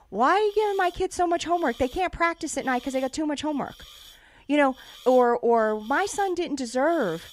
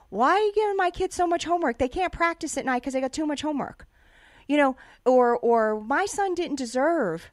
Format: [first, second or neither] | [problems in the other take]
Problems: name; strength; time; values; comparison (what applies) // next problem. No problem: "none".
second | hiss; faint; throughout; 25 dB below the speech